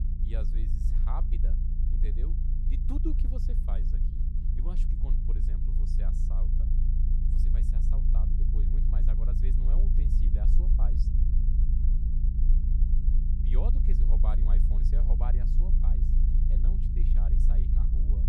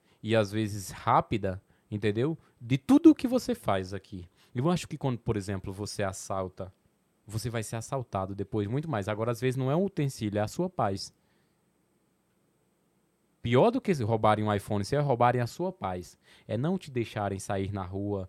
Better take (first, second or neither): second